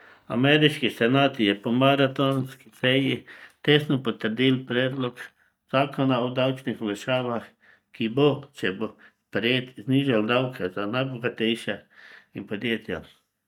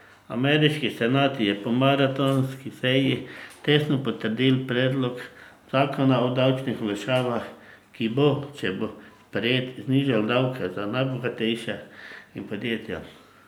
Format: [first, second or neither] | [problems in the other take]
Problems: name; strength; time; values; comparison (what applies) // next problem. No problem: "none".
second | noise reduction (neural mask model DeepFilterNet 3)